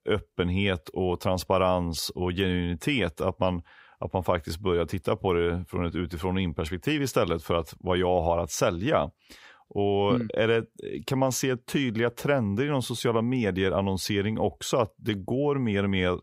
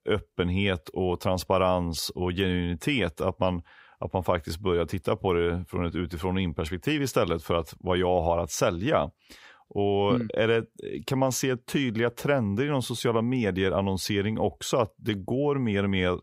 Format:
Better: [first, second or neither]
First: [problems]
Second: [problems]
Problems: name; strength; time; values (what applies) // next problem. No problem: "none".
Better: neither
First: none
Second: none